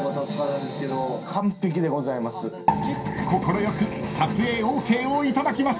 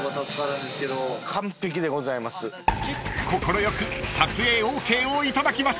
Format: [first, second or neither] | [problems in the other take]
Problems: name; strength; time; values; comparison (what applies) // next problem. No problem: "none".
second | background sound (Telephone); 17 dB below the speech // room echo; dies away in 0.3 s